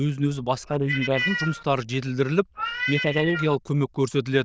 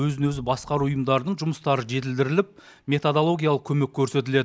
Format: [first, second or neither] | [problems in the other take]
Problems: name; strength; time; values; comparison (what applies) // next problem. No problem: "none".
second | noise reduction (neural diffusion model UNIVERSE++)